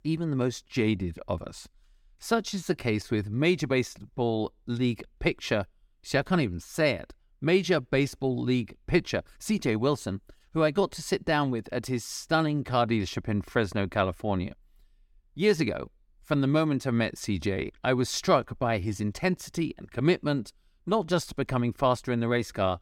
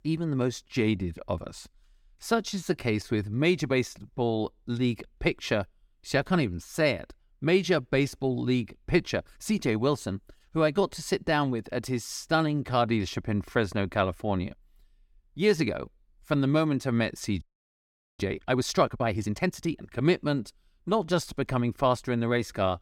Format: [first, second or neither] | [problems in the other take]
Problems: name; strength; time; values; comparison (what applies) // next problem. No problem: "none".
first | audio freezing; at 17 s for 1 s